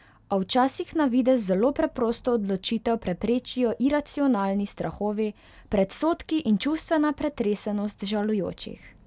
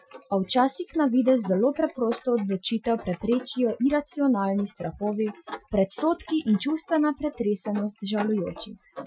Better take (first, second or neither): first